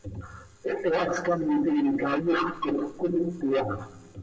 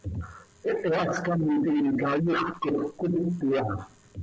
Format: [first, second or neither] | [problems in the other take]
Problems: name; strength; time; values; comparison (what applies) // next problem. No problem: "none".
second | room echo; dies away in 1.4 s